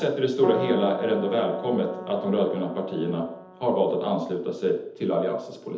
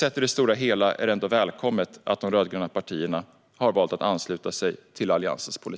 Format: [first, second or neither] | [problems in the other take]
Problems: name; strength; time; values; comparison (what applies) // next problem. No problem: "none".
second | background sound (Keyboard (musical)); 11 dB below the speech // room echo; dies away in 0.8 s